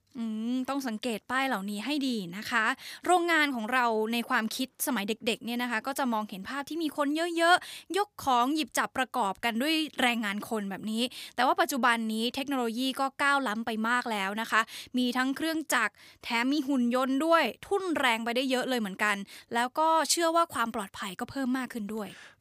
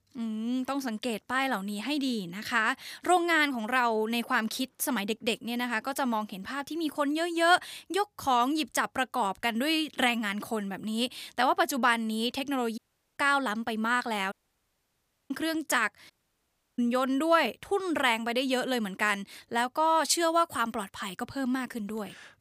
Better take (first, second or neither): first